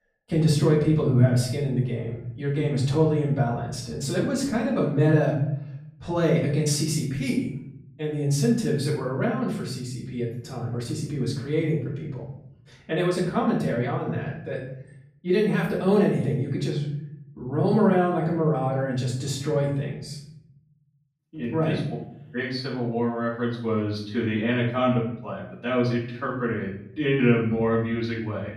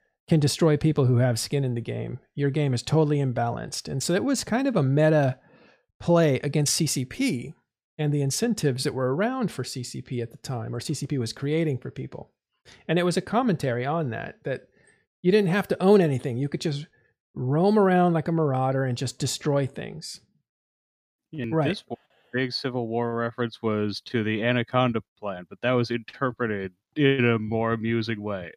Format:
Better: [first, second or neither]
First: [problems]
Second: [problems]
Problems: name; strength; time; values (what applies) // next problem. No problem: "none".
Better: second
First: off-mic speech; far // room echo; noticeable; dies away in 0.8 s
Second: none